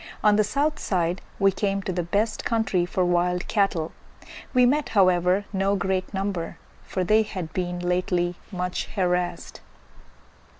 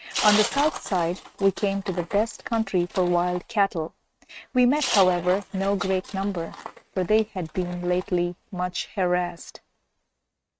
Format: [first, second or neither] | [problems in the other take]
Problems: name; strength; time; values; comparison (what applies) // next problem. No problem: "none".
first | noise reduction (neural mask model RNNoise)